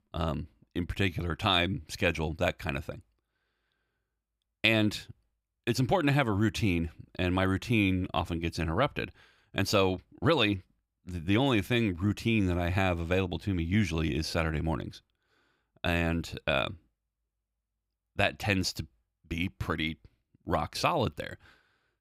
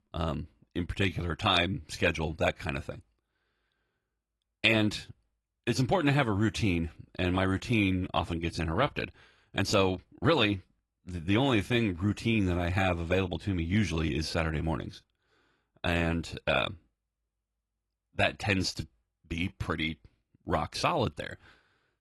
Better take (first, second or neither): first